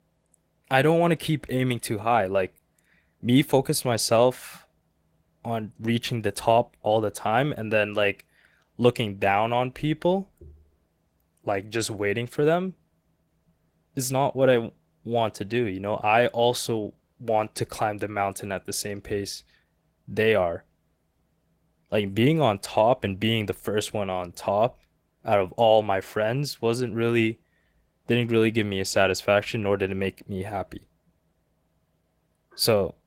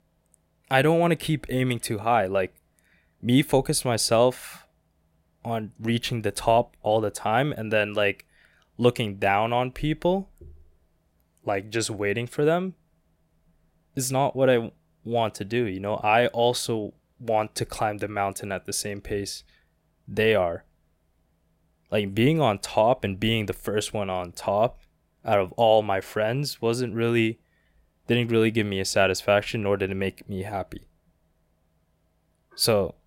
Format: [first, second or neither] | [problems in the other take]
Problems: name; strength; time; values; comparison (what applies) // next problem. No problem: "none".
second | garbled, watery; slightly; nothing above 16 kHz